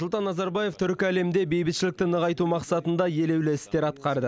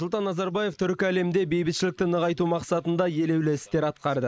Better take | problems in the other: first | noise reduction (neural mask model Resemble Enhance denoiser)

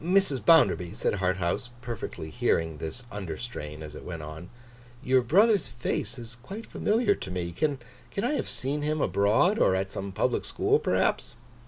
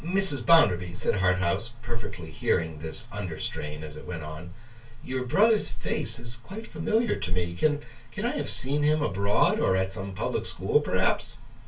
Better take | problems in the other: first | room echo; dies away in 0.2 s

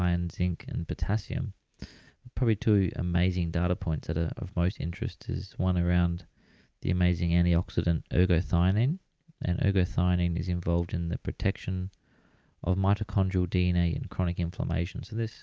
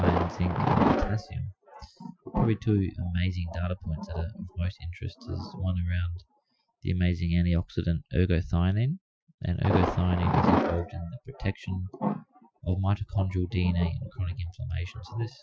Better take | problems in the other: first | noise reduction (classical method Wiener filter)

